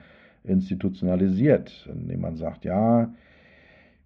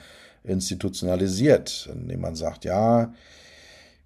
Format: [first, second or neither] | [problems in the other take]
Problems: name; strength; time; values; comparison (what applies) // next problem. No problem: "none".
second | muffled; very; fading above 2.5 kHz